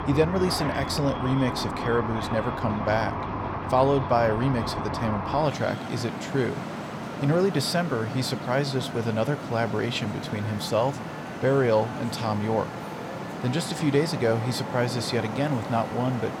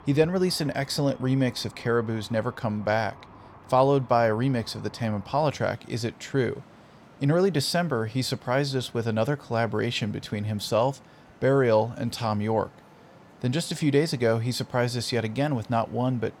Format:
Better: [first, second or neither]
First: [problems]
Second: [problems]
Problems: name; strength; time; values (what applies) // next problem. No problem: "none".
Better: second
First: traffic noise; loud; throughout; 6 dB below the speech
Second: traffic noise; faint; throughout; 25 dB below the speech